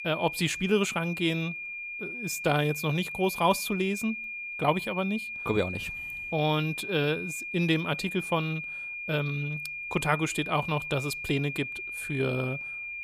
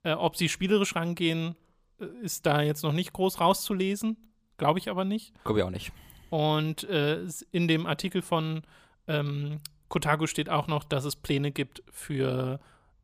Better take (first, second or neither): second